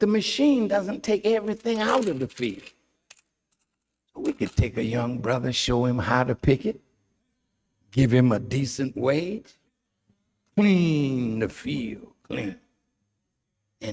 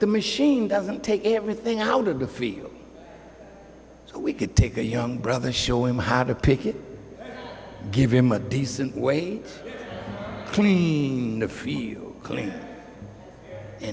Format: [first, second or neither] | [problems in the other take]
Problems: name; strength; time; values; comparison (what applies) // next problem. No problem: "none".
second | noise reduction (neural mask model RNNoise)